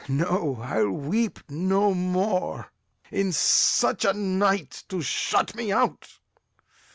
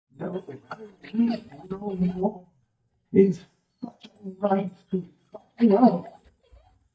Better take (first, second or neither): first